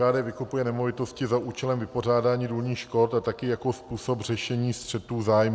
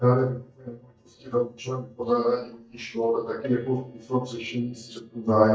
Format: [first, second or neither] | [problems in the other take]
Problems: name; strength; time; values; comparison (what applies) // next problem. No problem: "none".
first | noise reduction (neural mask model DeepFilterNet 3)